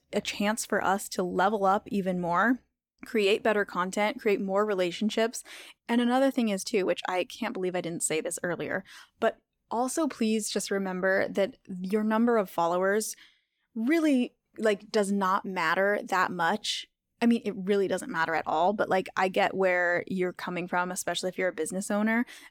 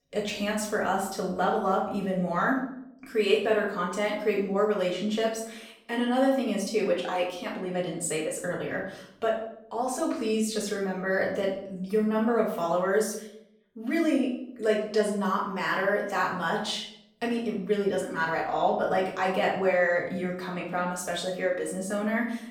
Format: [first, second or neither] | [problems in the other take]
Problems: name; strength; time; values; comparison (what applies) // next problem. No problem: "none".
first | off-mic speech; far // room echo; noticeable; dies away in 0.6 s